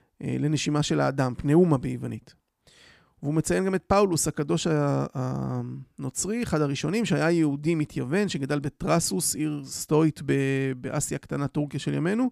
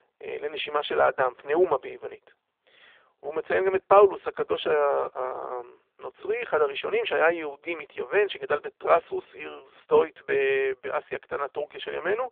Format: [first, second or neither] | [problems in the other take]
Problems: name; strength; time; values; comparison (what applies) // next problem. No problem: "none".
first | phone-call audio; poor line; nothing above 3.5 kHz